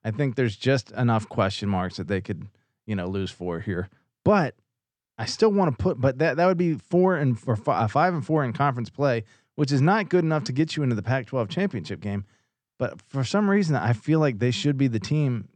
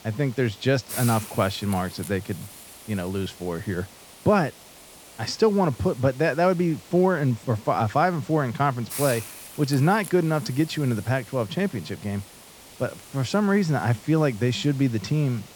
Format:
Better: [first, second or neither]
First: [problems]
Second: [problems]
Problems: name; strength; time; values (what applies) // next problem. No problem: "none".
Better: first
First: none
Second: hiss; noticeable; throughout; 15 dB below the speech